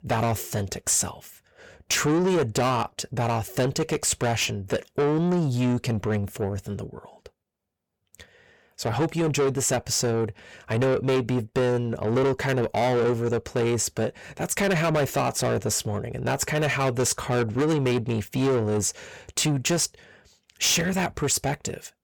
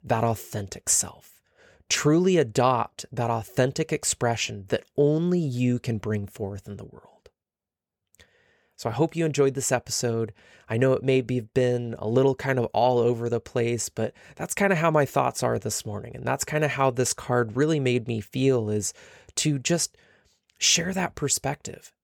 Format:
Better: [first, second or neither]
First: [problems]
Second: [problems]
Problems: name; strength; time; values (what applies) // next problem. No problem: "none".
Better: second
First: distortion; heavy; 7 dB below the speech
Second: none